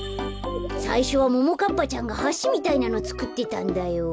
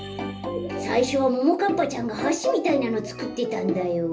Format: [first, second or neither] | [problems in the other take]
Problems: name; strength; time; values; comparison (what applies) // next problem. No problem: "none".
first | room echo; dies away in 0.3 s